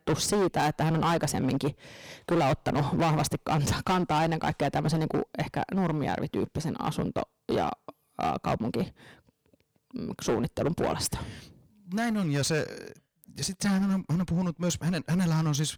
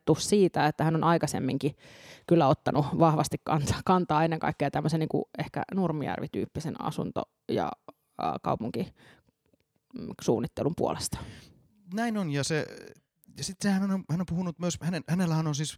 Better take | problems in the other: second | distortion; heavy; 13% of the sound clipped

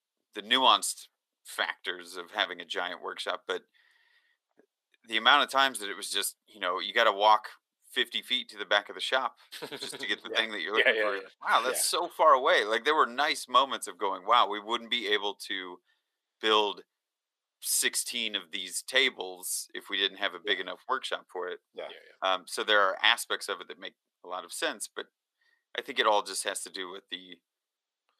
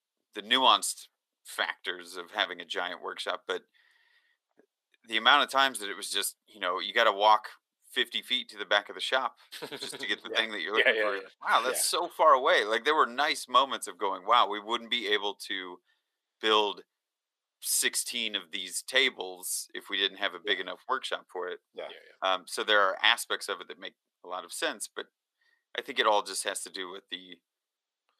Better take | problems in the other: neither | thin; very; fading below 450 Hz; the same in both

